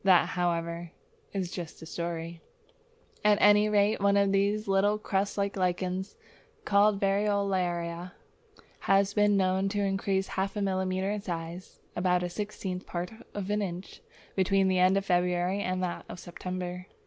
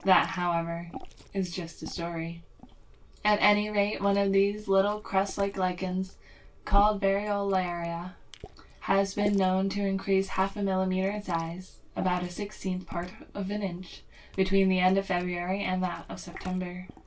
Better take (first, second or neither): first